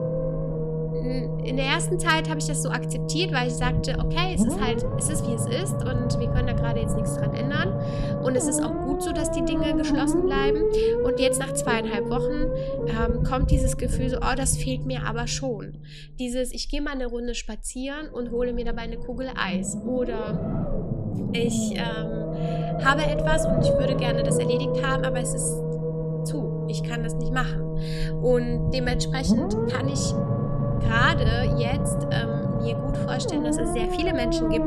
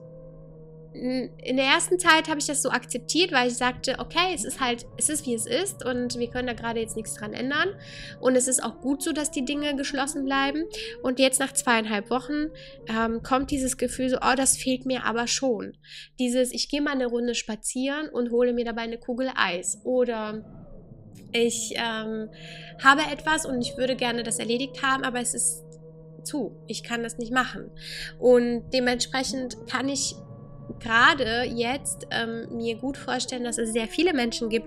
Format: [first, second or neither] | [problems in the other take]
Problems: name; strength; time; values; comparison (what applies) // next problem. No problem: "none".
second | low rumble; loud; throughout; 1 dB below the speech; faint in the second